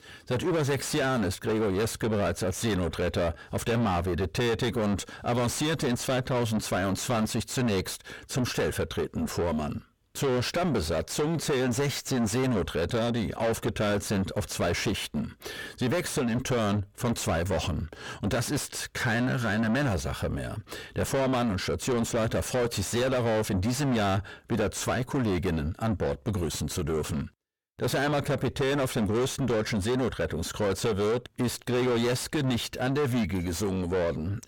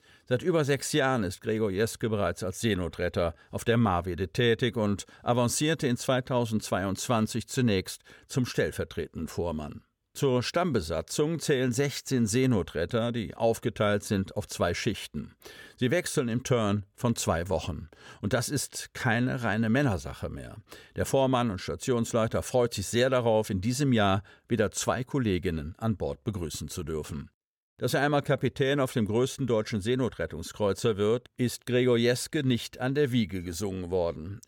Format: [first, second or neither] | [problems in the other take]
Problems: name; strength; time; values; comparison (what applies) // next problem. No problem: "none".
second | distortion; heavy; 5 dB below the speech